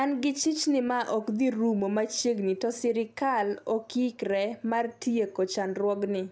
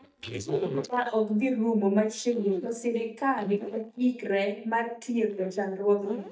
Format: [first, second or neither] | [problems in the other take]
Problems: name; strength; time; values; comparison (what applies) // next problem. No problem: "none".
first | noise reduction (neural mask model DeepFilterNet 3)